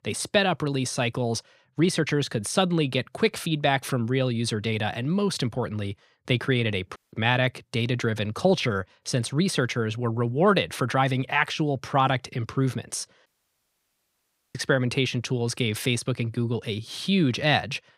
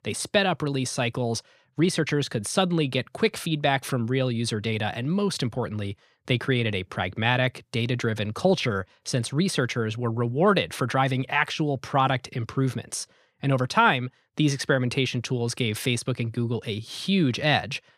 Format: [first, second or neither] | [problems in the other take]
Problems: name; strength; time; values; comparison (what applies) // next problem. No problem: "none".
second | audio cutting out; at 7 s and at 13 s for 1.5 s